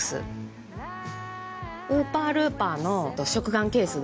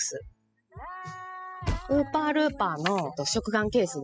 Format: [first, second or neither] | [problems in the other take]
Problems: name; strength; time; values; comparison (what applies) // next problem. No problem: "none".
first | noise reduction (classical method spectral subtraction)